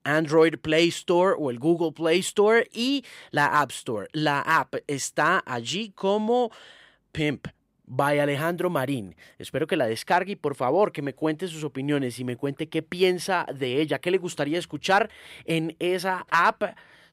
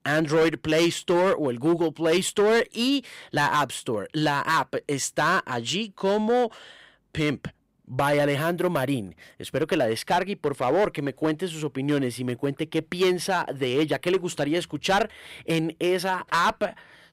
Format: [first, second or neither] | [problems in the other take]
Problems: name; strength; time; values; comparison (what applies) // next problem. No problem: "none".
first | distortion; slight; 6% of the sound clipped